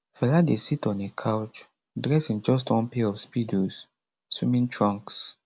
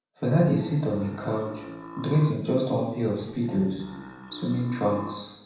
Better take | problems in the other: first | background sound (Burping, eructation); 15 dB below the speech // room echo; dies away in 0.8 s

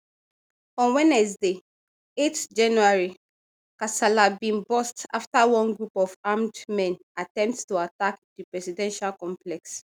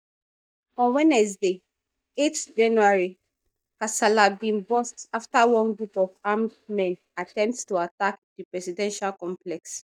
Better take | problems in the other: first | noise reduction (neural mask model DeepFilterNet 3)

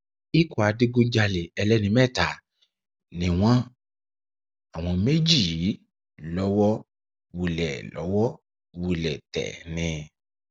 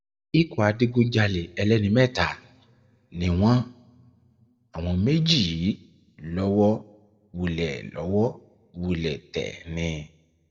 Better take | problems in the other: first | room echo; dies away in 0.7 s

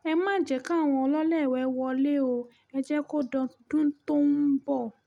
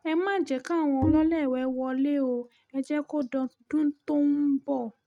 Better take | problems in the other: first | noise reduction (neural mask model RNNoise)

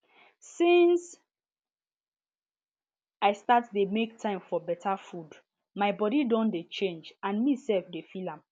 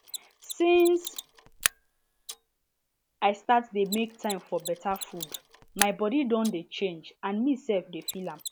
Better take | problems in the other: first | background sound (Mechanisms); 10 dB below the speech

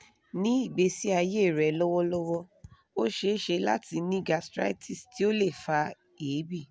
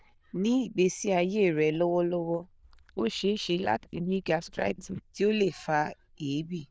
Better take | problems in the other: first | noise reduction (neural diffusion model UNIVERSE++)

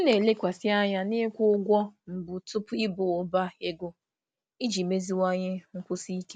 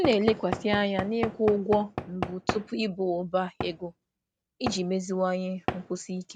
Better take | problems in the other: first | background sound (Knock / Wood); 8 dB below the speech

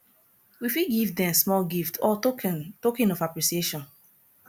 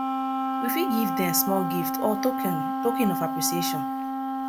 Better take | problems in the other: first | background sound (Wind instrument, woodwind instrument); 1 dB above the speech

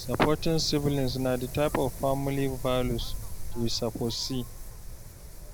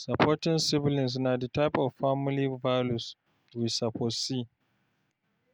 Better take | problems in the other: second | background sound (Wind); 5 dB below the speech

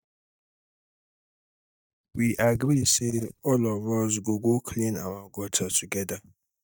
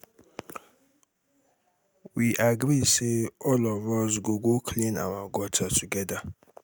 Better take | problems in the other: second | noise reduction (neural mask model DeepFilterNet 3)

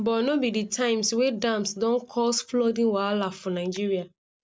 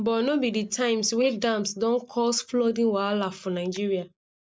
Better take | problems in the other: first | noise reduction (neural mask model Resemble Enhance denoiser)

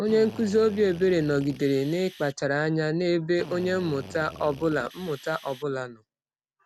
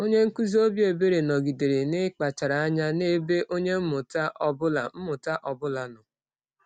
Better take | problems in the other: second | background sound (Drill); 18 dB below the speech

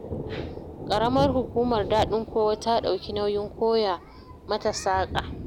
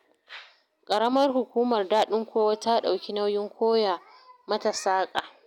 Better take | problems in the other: second | background sound (Thunder); 9 dB below the speech

